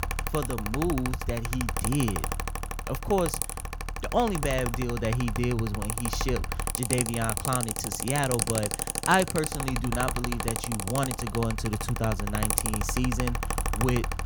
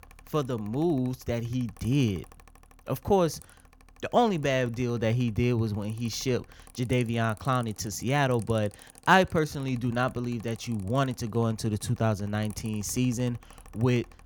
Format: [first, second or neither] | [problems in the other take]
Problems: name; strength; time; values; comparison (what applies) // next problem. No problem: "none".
second | machinery noise; loud; throughout; 1 dB below the speech; faint in the second